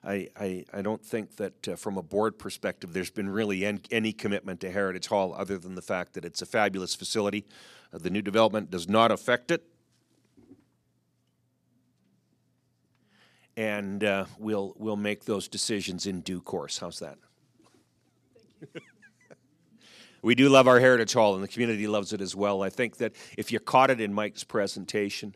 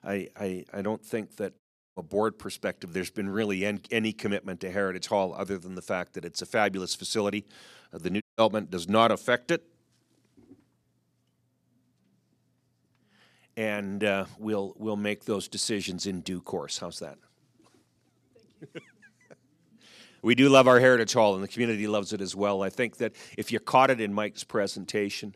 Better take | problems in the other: first | audio cutting out; at 1.5 s and at 8 s

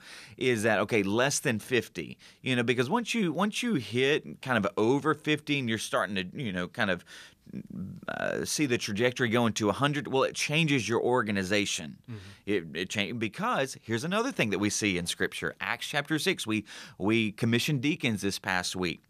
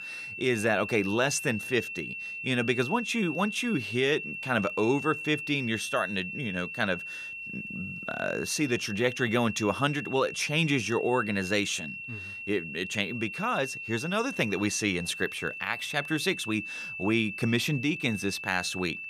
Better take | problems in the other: first | high-pitched whine; loud; throughout; 2.5 kHz, 7 dB below the speech

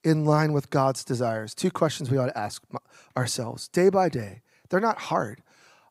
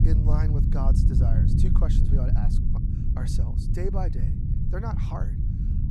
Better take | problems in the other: first | low rumble; loud; throughout; as loud as the speech

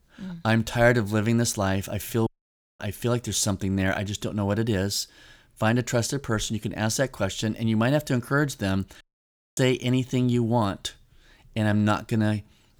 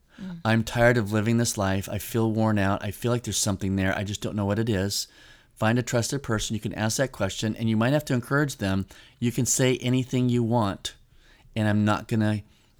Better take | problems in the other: second | audio cutting out; at 2.5 s for 0.5 s and at 9 s for 0.5 s

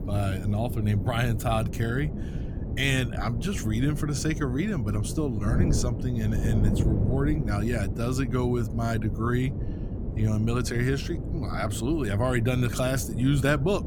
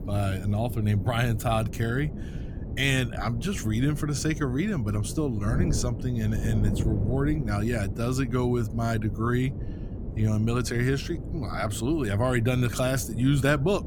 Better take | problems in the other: second | wind noise on the microphone; heavy; 9 dB below the speech; occasional gusts in the second

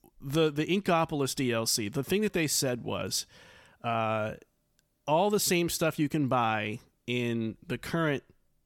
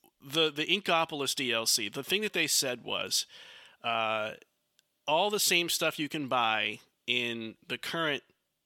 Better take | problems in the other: first | thin; very slightly; fading below 1 kHz

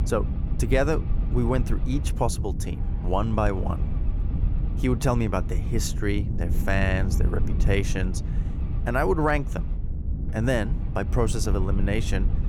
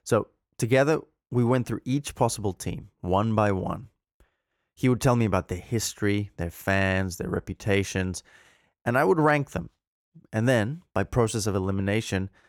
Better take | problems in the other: second | low rumble; noticeable; throughout; 15 dB below the speech

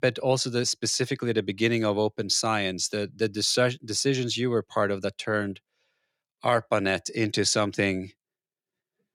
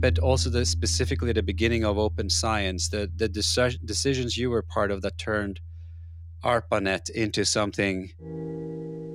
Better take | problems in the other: first | background music; loud; throughout; 8 dB below the speech

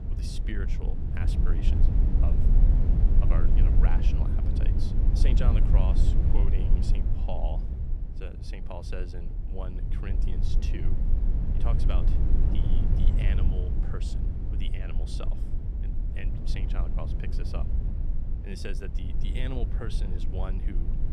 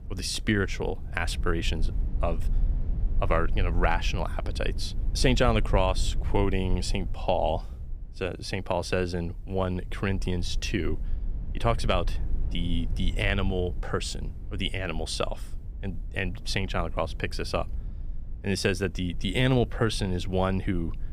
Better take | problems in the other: second | low rumble; loud; throughout; 1 dB below the speech; faint in the second

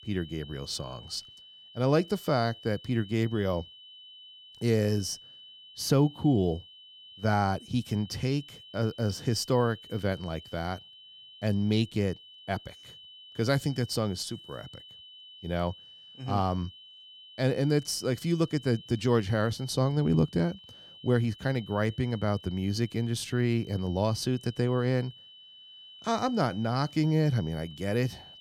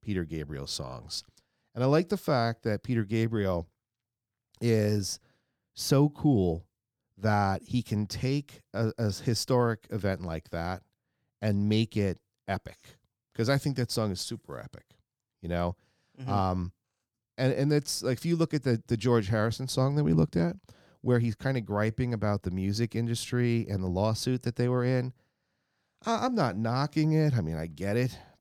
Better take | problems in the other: second | high-pitched whine; noticeable; throughout; 3 kHz, 20 dB below the speech

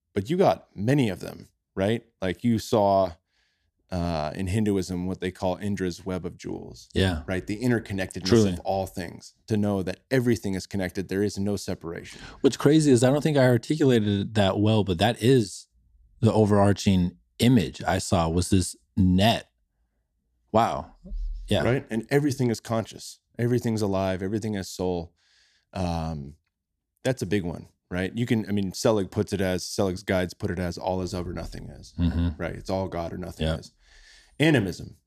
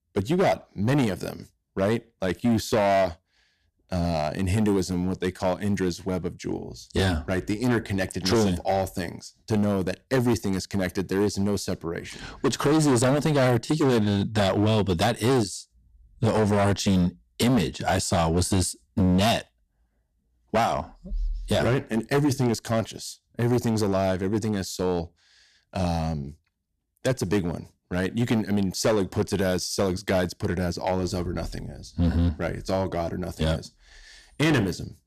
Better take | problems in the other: first | distortion; heavy; 9% of the sound clipped

